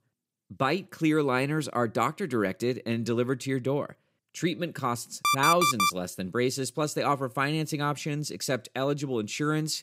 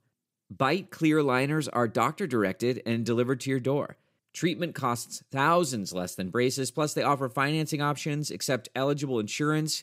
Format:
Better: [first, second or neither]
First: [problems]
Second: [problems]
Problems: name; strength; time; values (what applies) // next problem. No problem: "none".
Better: second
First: alarm; loud; at 5 s; peak 5 dB above the speech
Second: none